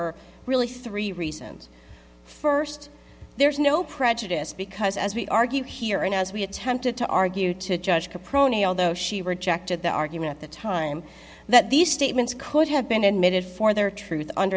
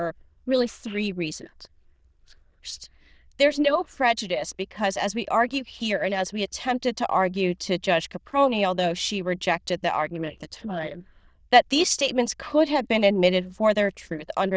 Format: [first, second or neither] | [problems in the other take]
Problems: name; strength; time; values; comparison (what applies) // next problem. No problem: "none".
first | noise reduction (neural diffusion model UNIVERSE++)